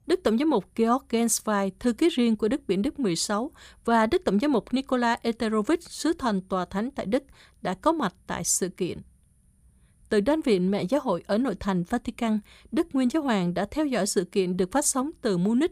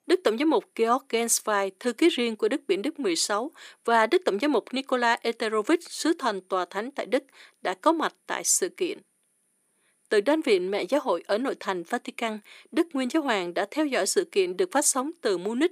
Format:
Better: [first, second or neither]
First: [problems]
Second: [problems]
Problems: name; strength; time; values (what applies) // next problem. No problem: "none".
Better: first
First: none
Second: thin; somewhat; fading below 300 Hz